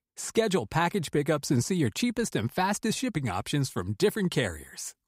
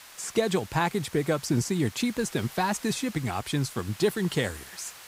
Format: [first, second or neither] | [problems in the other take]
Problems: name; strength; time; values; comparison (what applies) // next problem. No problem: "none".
first | hiss; noticeable; throughout; 15 dB below the speech